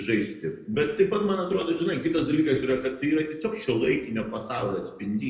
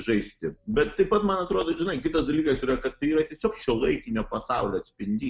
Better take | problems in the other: second | room echo; dies away in 0.7 s

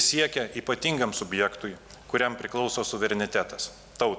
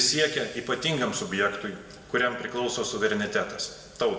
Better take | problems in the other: first | room echo; dies away in 1.5 s

